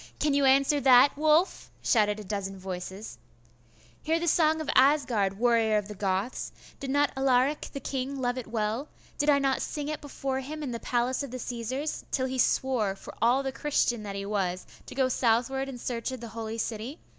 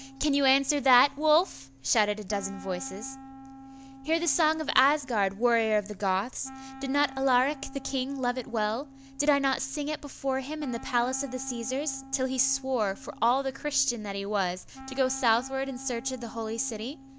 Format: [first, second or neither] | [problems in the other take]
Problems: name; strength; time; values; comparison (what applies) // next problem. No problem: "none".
first | background sound (Wind instrument, woodwind instrument); 18 dB below the speech